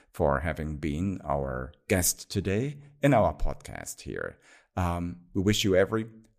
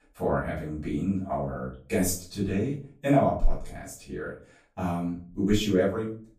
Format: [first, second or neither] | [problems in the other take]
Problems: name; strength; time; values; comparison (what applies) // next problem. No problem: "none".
first | off-mic speech; far // room echo; noticeable; dies away in 0.3 s